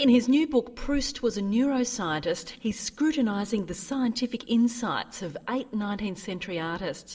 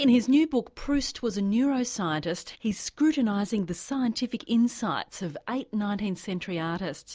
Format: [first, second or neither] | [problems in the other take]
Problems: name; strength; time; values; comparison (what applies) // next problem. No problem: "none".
second | room echo; dies away in 1 s